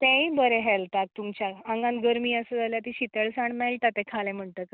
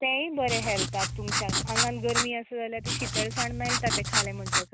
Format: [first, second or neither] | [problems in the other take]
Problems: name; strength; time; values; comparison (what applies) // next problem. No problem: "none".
first | background sound (Writing); 3 dB above the speech